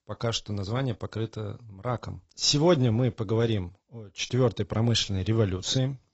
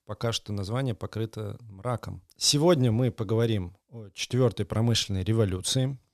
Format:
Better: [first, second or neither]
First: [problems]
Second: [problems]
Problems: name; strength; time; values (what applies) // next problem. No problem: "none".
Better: second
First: garbled, watery; badly; nothing above 7.5 kHz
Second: none